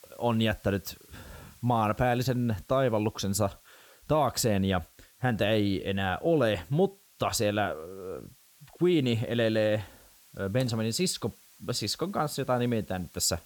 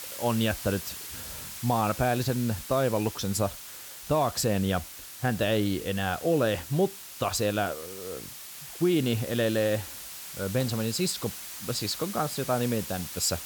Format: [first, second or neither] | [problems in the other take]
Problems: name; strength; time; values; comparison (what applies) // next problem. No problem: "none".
first | hiss; loud; throughout; 10 dB below the speech; faint in the first